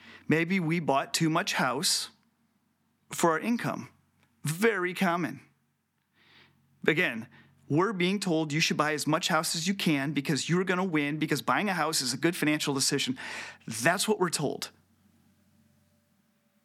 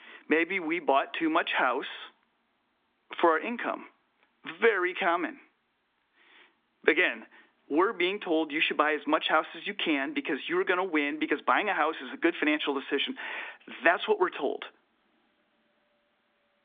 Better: first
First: none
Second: phone-call audio

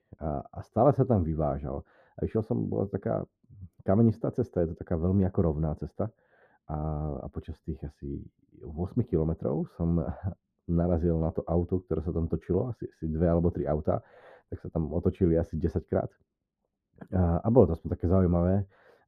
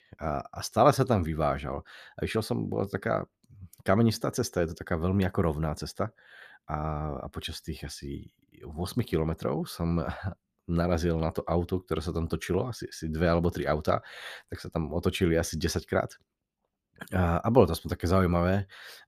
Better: second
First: muffled; very; fading above 1.5 kHz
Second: none

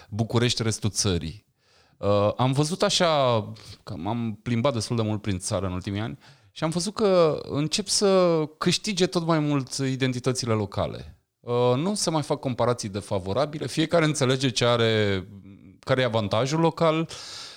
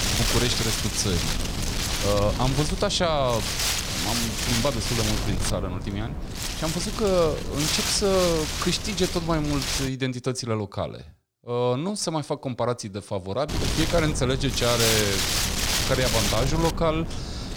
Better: first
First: none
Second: wind noise on the microphone; heavy; until 10 s and from 13 s on; as loud as the speech

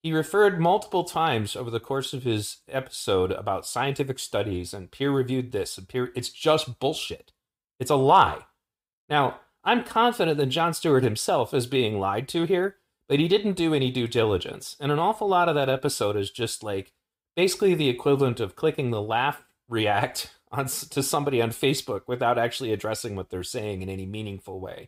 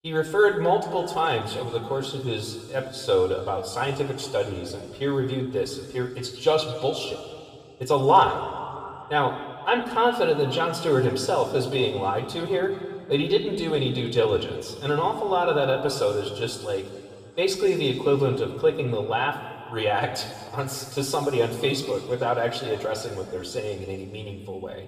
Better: first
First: none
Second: room echo; slight; dies away in 2.3 s // off-mic speech; somewhat distant

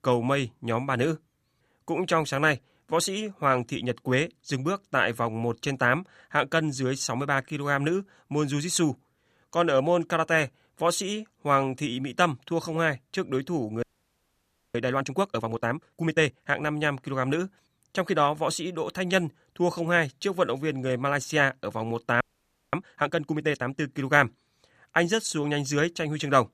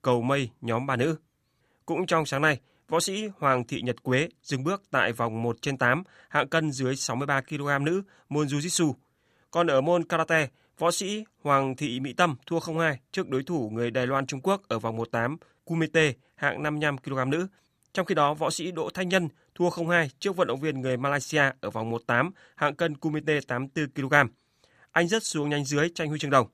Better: second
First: audio freezing; at 14 s for 1 s and at 22 s for 0.5 s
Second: none

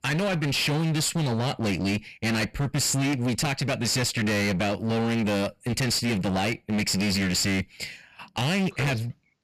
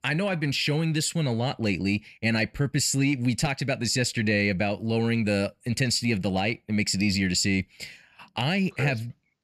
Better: second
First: distortion; heavy; 32% of the sound clipped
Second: none

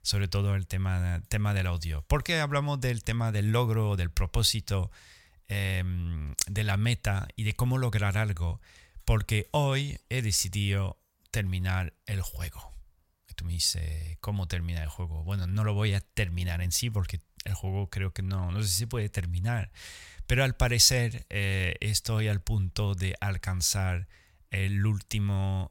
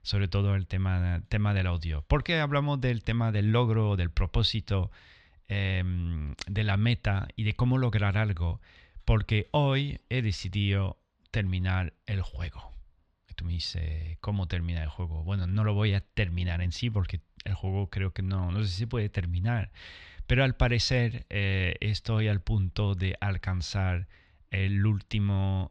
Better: first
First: none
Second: muffled; slightly; fading above 4 kHz

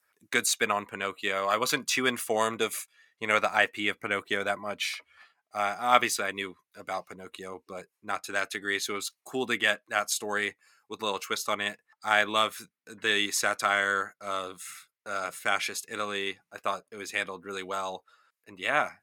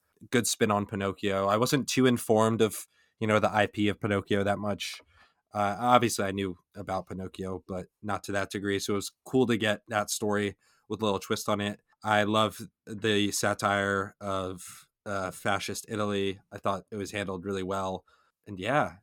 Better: second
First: thin; somewhat; fading below 950 Hz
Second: none

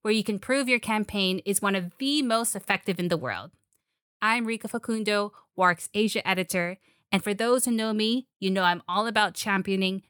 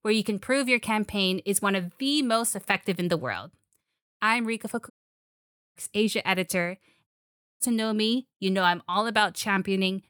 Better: first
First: none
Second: audio cutting out; at 5 s for 1 s and at 7 s for 0.5 s

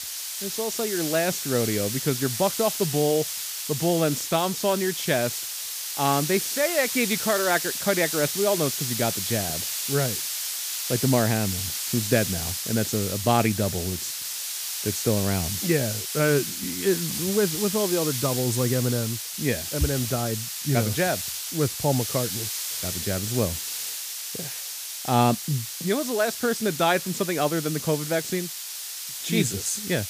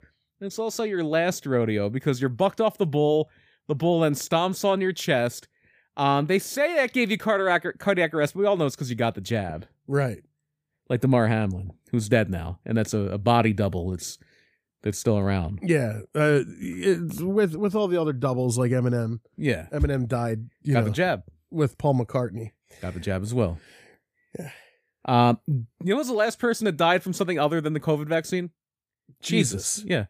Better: second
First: hiss; loud; throughout; 3 dB below the speech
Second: none

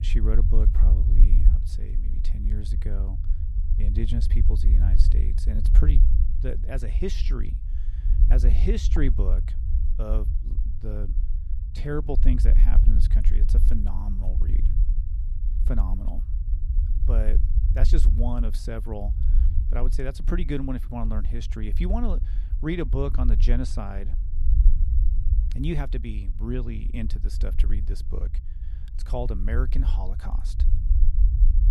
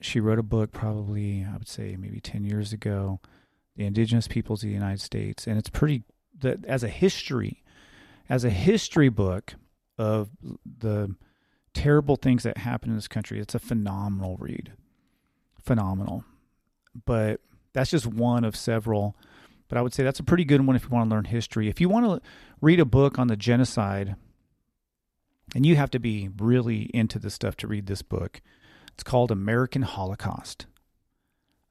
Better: second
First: low rumble; loud; throughout; 9 dB below the speech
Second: none

